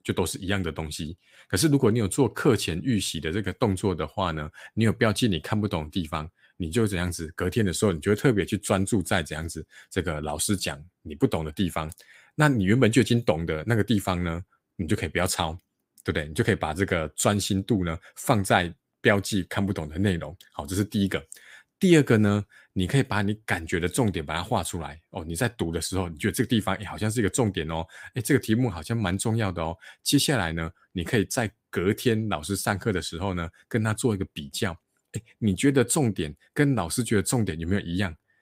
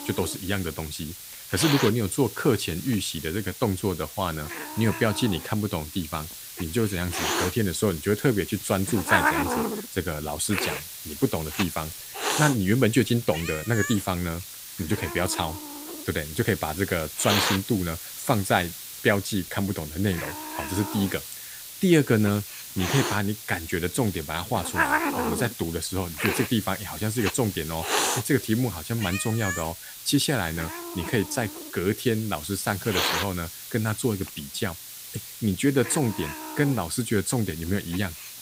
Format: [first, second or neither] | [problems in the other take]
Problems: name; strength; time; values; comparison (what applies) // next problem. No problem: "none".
first | hiss; loud; throughout; 5 dB below the speech